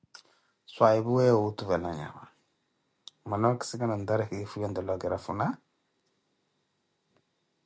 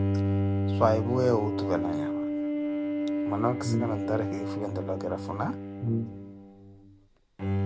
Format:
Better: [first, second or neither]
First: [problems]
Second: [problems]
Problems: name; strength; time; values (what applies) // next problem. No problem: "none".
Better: first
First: none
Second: background sound (Bowed string instrument + Brass instrument); 2 dB above the speech